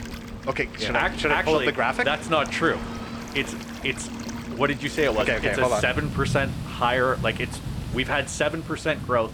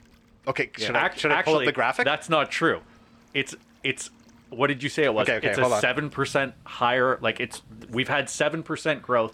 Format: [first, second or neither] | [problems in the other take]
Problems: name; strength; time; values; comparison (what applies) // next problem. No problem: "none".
second | rain or running water; loud; throughout; 9 dB below the speech; faint in the second